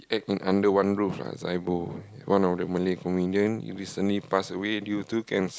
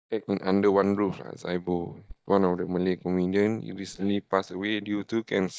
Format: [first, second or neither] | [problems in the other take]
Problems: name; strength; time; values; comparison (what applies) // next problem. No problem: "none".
first | noise reduction (neural mask model DeepFilterNet 3)